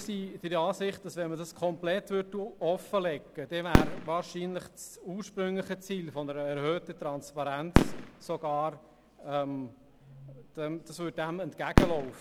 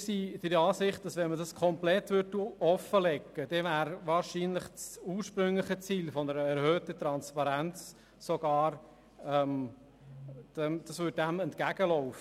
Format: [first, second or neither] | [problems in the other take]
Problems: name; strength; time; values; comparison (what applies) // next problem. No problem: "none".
second | background sound (Fireworks); as loud as the speech